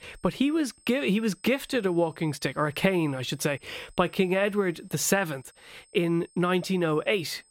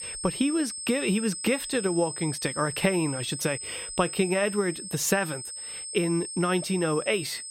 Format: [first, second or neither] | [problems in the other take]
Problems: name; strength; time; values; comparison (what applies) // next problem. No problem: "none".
first | high-pitched whine; loud; throughout; 8 kHz, 7 dB below the speech; faint in the first